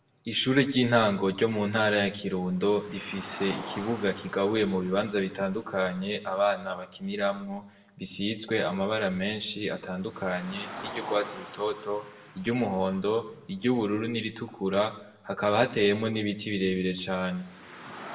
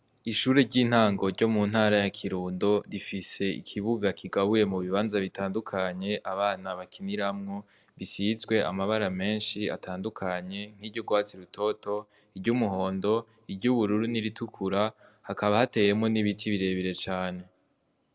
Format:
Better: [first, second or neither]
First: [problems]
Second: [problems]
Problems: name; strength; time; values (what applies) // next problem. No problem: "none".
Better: second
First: background sound (Car); 19 dB below the speech // room echo; dies away in 0.6 s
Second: none